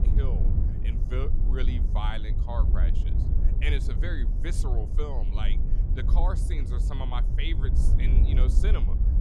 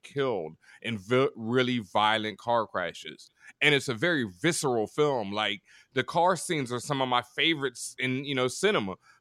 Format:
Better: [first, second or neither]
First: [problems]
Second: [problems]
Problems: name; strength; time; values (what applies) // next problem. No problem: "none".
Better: second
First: wind noise on the microphone; heavy; 5 dB below the speech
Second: none